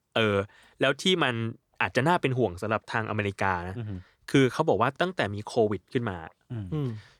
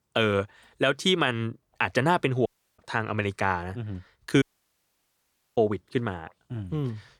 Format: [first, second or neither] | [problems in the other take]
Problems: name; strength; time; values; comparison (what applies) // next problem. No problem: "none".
first | audio cutting out; at 2.5 s and at 4.5 s for 1 s